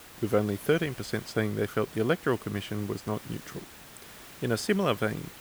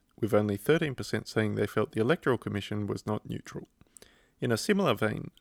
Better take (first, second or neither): second